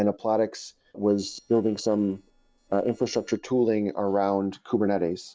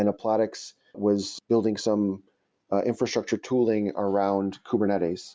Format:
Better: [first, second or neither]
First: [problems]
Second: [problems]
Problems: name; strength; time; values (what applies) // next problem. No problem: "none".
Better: second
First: noise reduction (neural separator model SepFormer DNS4)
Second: none